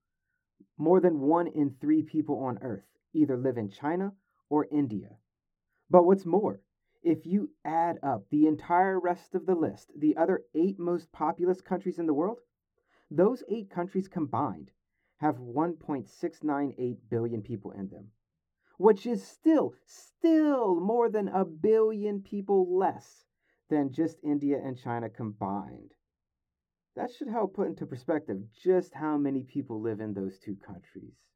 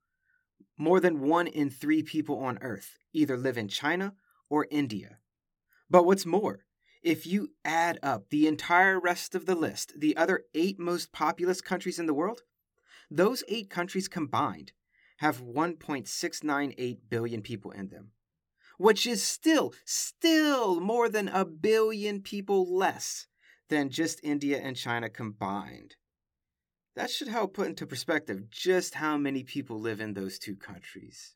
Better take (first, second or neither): second